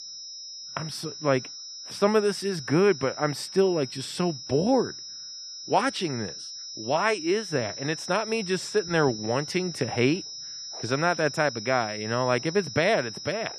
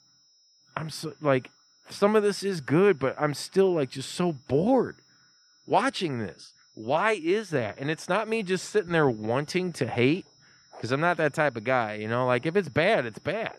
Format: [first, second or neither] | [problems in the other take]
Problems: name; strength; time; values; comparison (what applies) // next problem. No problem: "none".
second | high-pitched whine; loud; throughout; 5 kHz, 10 dB below the speech; faint in the second